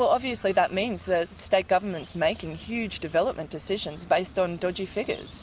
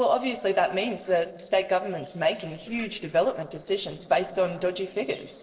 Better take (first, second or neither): first